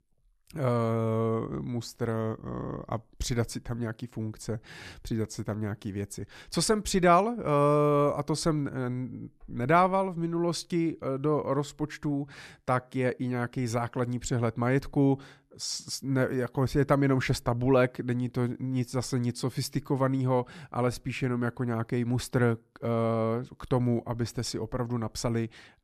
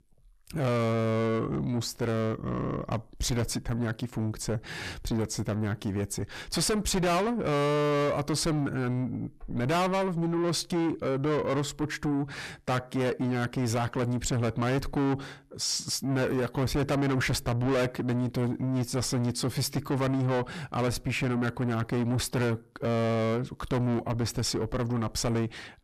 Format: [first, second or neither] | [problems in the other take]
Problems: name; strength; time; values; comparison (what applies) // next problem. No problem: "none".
first | distortion; heavy; 6 dB below the speech